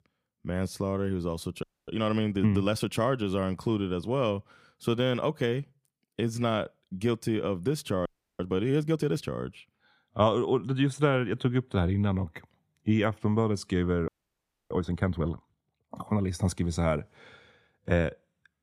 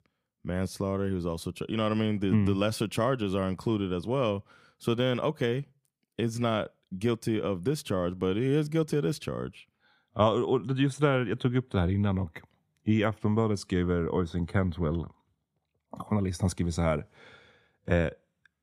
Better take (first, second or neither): second